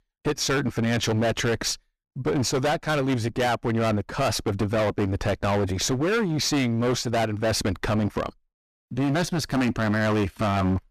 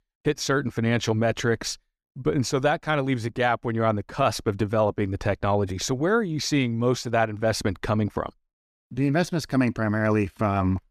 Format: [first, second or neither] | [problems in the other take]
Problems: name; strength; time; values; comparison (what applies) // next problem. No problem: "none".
second | distortion; heavy; 22% of the sound clipped